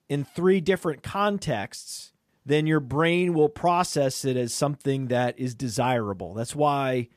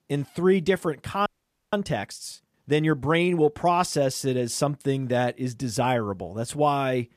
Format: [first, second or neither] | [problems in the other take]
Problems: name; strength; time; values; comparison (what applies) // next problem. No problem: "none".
first | audio freezing; at 1.5 s